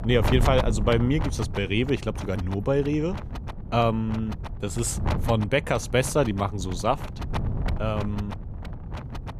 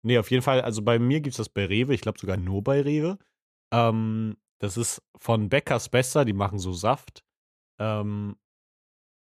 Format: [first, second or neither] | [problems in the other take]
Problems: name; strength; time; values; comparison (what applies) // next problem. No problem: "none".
second | wind noise on the microphone; occasional gusts; 10 dB below the speech